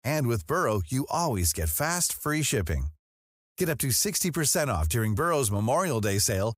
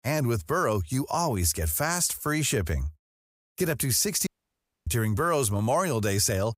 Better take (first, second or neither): first